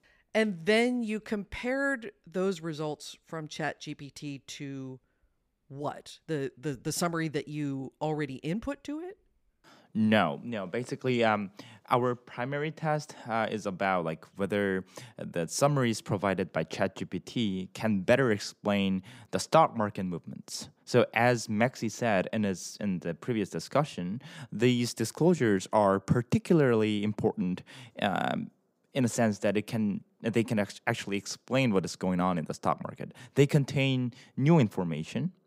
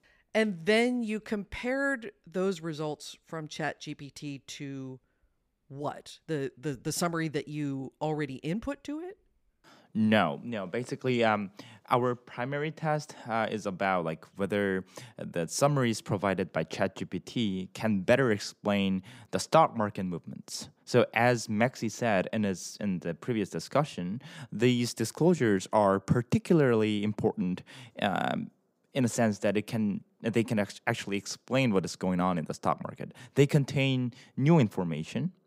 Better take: neither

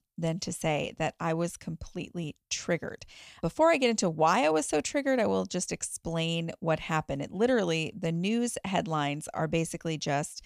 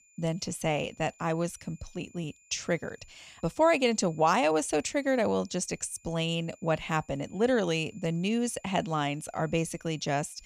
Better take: first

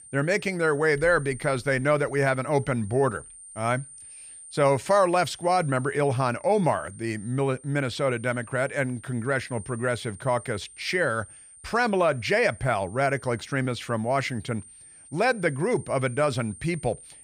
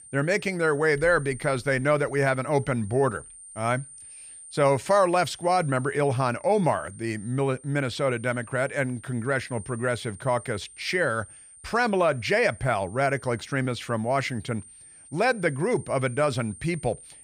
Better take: neither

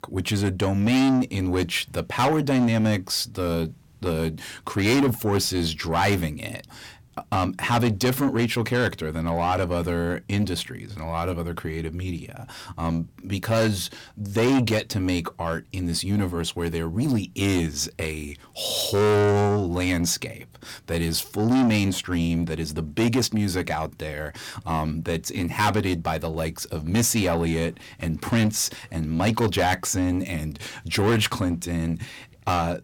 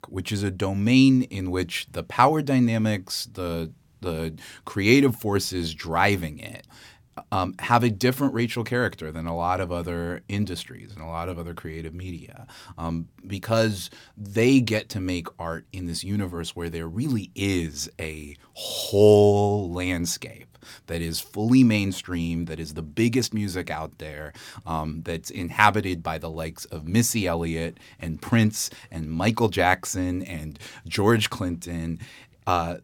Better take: second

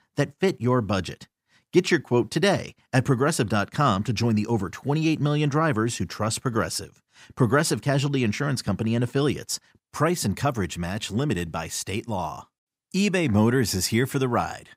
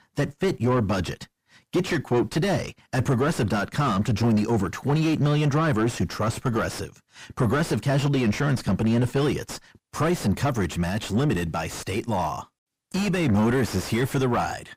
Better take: first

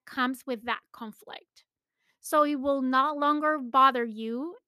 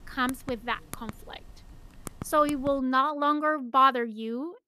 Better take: first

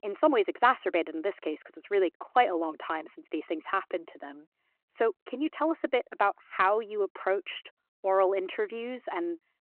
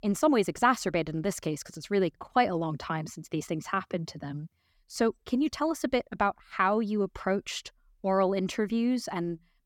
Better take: second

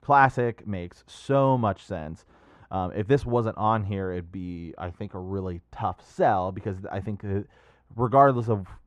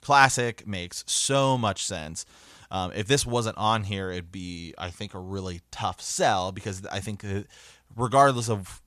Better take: second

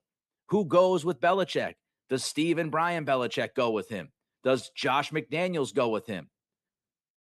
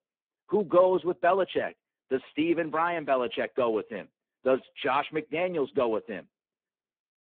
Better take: first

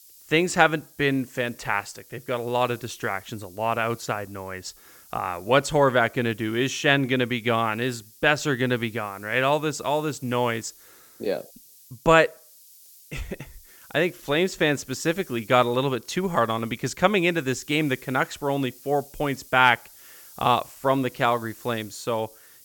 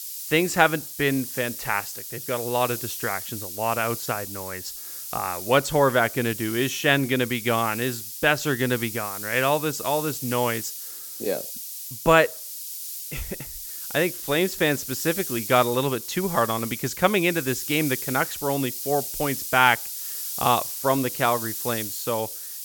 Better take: first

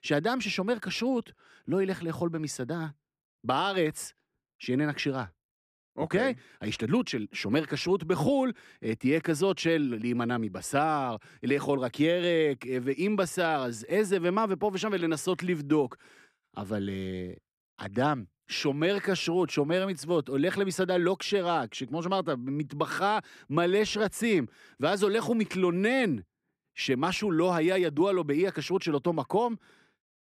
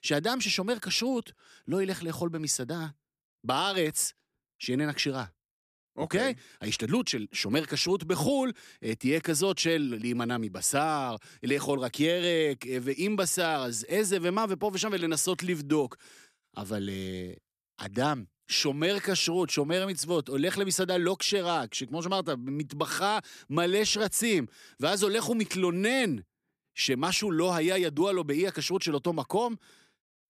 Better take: second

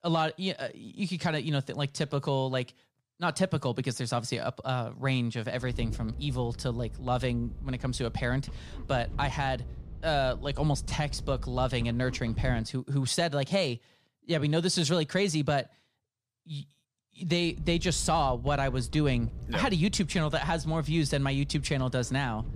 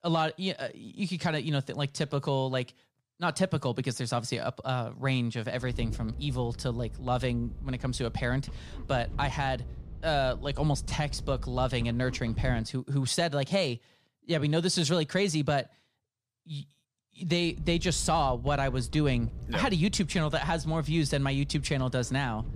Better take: neither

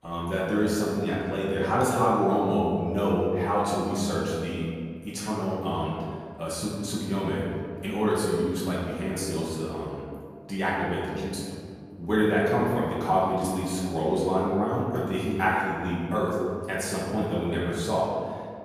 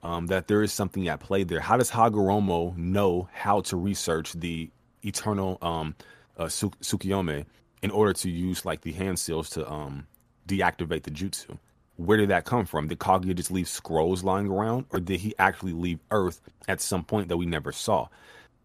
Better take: second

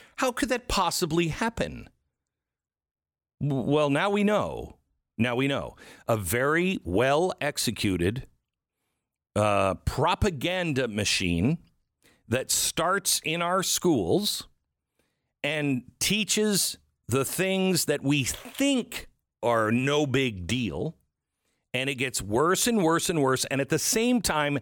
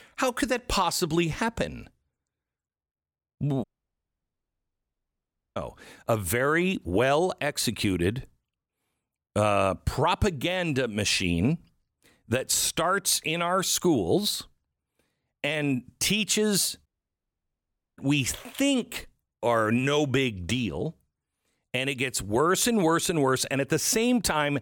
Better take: first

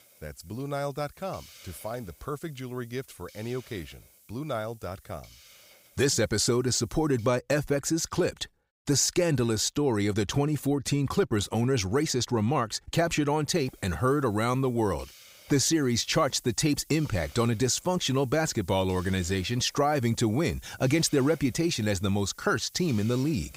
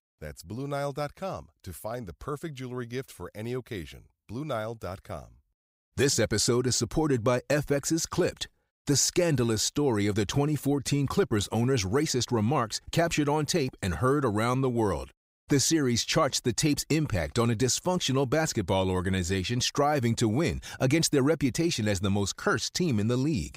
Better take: second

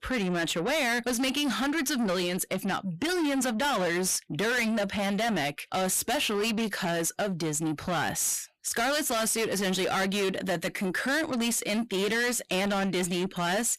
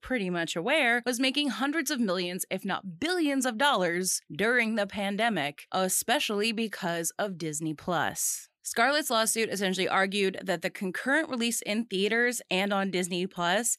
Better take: second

